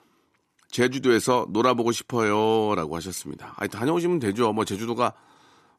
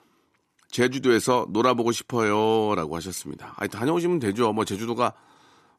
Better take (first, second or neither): neither